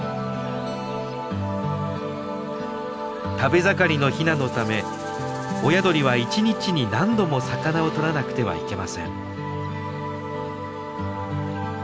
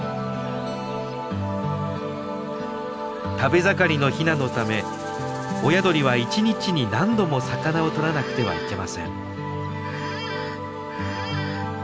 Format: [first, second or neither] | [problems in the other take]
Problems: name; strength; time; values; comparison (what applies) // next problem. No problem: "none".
first | background sound (Squeak); 12 dB below the speech